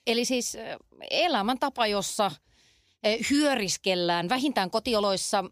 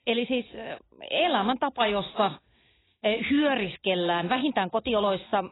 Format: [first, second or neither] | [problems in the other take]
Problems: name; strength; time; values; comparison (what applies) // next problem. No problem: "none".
first | garbled, watery; badly; nothing above 4 kHz